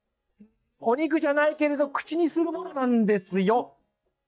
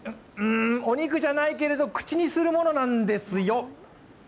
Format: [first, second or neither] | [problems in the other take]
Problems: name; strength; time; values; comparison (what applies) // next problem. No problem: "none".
second | noise reduction (neural mask model DeepFilterNet 3)